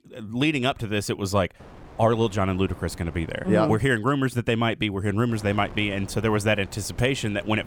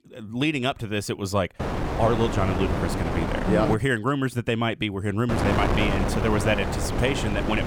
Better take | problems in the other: first | wind noise on the microphone; heavy; from 1.5 to 3.5 s and from 5.5 s on; 3 dB below the speech; occasional gusts in the first

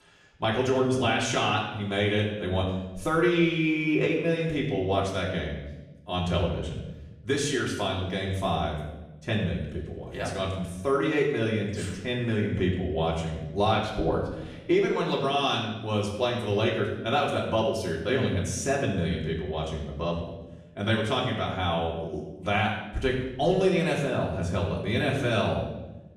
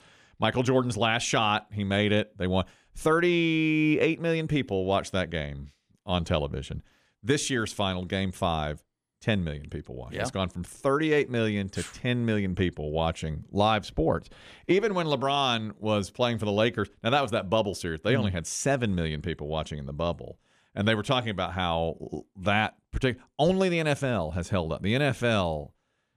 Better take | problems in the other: second | off-mic speech; far // room echo; noticeable; dies away in 0.9 s

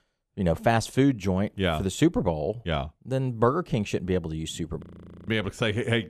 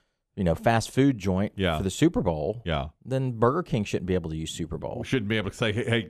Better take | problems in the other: second | audio freezing; at 5 s

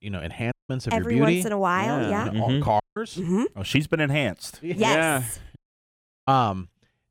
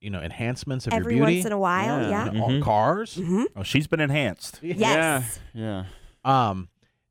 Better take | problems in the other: second | audio cutting out; at 0.5 s, at 3 s and at 5.5 s for 0.5 s

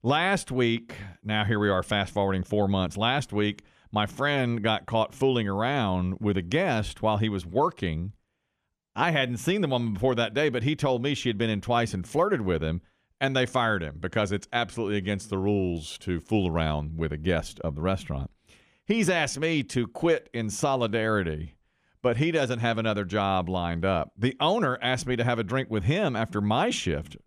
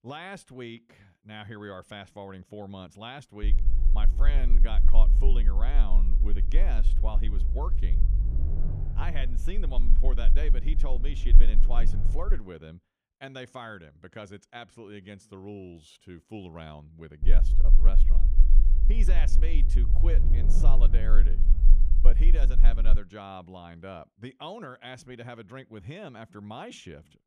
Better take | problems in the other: first | low rumble; loud; from 3.5 to 12 s and from 17 to 23 s; 8 dB below the speech

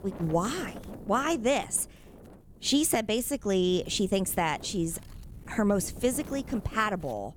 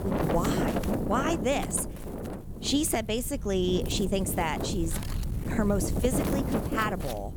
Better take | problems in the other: first | wind noise on the microphone; heavy; 5 dB below the speech; occasional gusts in the first

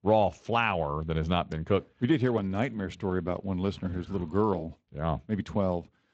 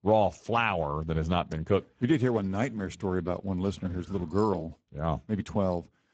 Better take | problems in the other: first | garbled, watery; badly; nothing above 7.5 kHz; slightly in the first

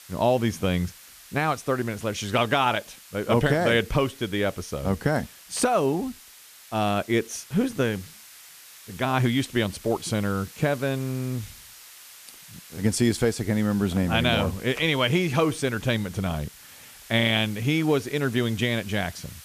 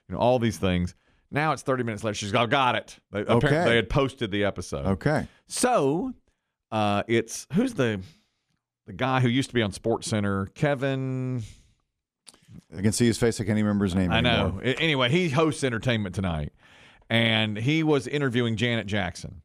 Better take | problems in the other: second | hiss; noticeable; throughout; 20 dB below the speech

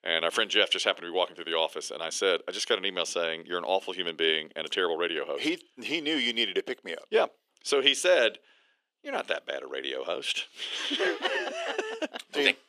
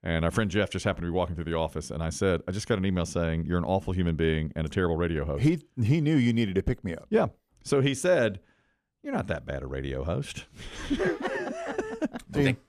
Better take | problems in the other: second | thin; very; fading below 350 Hz

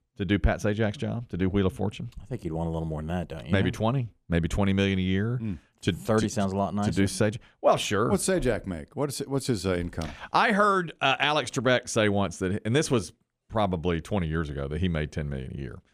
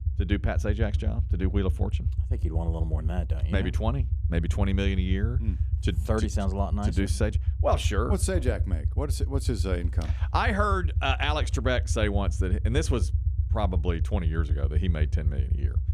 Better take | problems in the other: first | low rumble; noticeable; throughout; 15 dB below the speech

